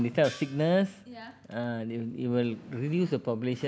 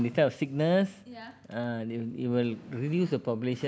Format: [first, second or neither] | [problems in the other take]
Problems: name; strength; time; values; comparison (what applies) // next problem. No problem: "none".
second | background sound (Gong); 17 dB below the speech